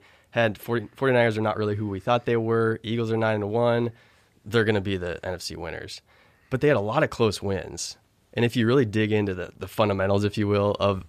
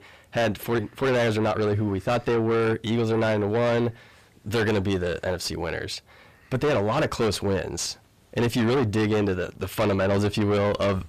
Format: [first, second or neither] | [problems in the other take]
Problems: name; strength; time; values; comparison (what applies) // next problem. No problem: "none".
first | distortion; heavy; 6 dB below the speech